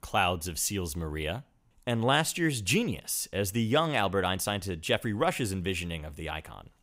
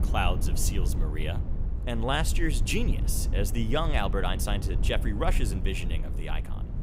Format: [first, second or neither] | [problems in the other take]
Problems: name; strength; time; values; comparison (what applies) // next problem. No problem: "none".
first | low rumble; noticeable; throughout; 15 dB below the speech